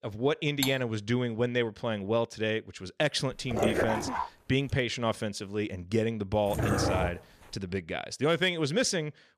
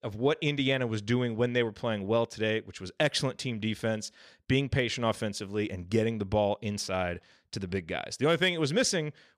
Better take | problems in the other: second | clattering dishes; noticeable; at 0.5 s; peak 4 dB below the speech // dog barking; loud; at 3.5 s and at 6.5 s; peak 2 dB above the speech

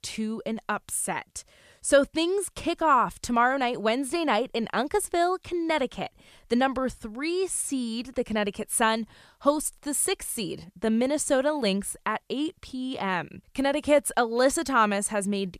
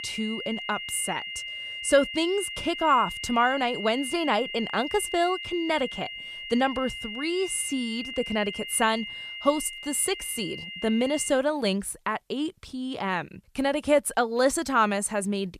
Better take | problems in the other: first | high-pitched whine; loud; until 11 s; 3 kHz, 8 dB below the speech

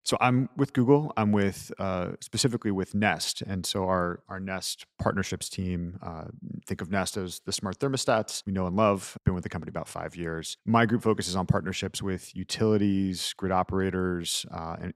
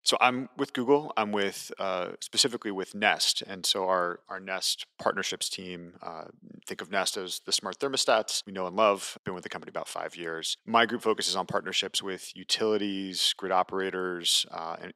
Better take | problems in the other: first | thin; somewhat; fading below 400 Hz

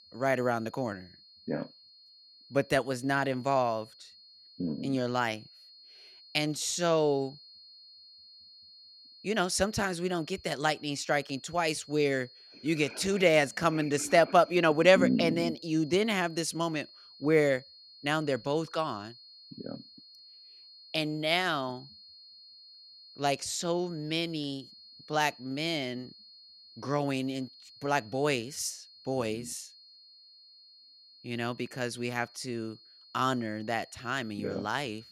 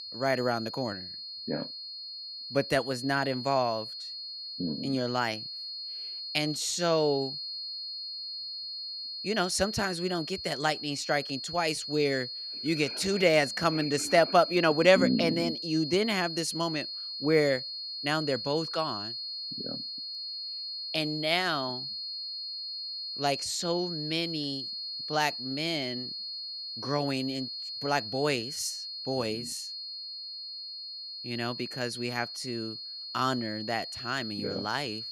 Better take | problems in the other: first | high-pitched whine; loud; throughout; 4.5 kHz, 6 dB below the speech; faint in the first

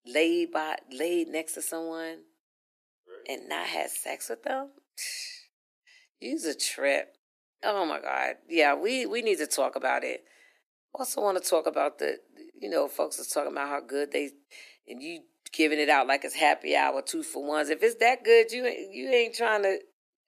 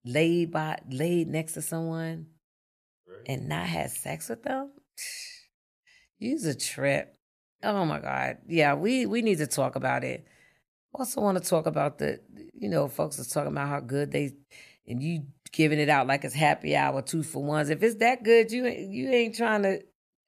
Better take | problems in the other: second | thin; somewhat; fading below 300 Hz

